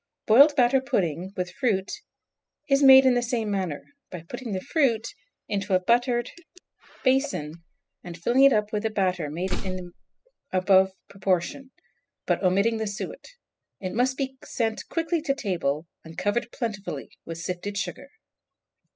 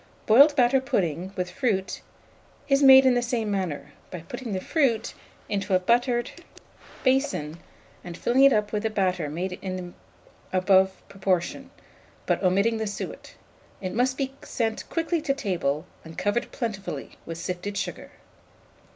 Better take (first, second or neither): second